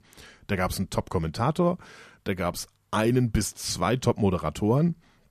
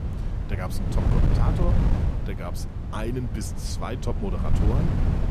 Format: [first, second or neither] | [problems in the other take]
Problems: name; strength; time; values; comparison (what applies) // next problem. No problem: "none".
first | wind noise on the microphone; heavy; 1 dB below the speech